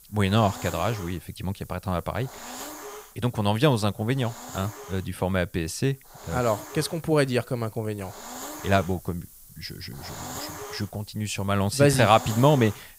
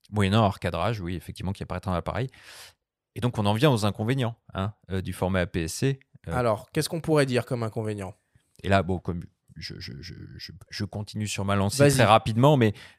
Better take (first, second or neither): second